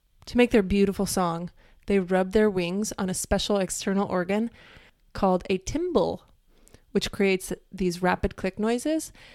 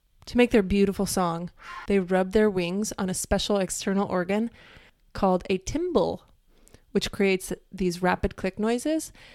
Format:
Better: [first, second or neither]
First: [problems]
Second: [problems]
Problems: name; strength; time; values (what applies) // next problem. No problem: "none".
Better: first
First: none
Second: dog barking; faint; at 1.5 s; peak 15 dB below the speech